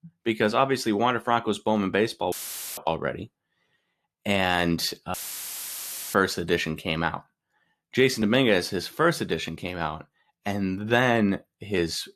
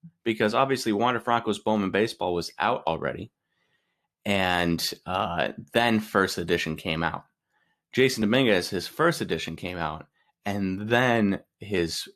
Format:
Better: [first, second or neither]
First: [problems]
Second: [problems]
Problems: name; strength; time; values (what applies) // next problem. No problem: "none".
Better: second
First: audio cutting out; filled with static; at 2.5 s and at 5 s for 1 s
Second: none